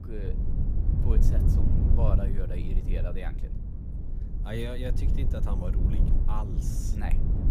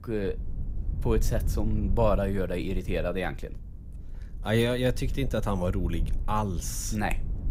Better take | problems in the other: second | low rumble; loud; throughout; 2 dB below the speech; faint in the second

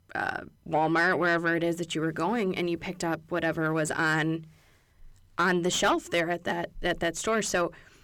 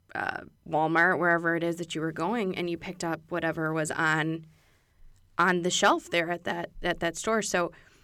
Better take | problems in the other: second | distortion; slight; 10 dB below the speech

